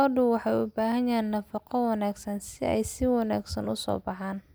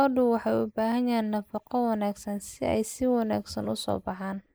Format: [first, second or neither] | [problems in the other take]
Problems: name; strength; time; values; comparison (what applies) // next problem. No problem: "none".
first | noise reduction (neural mask model Resemble Enhance denoiser)